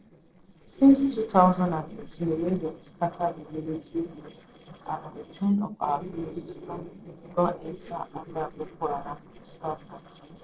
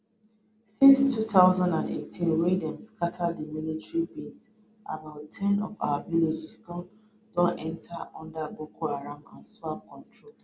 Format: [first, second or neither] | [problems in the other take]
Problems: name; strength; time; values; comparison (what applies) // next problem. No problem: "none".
second | noise reduction (neural separator model SepFormer DNS4)